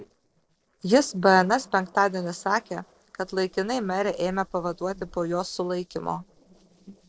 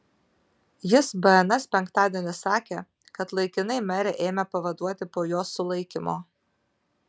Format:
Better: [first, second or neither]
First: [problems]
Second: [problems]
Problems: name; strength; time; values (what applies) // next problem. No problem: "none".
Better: second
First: noise reduction (neural separator model SepFormer DNS4)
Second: none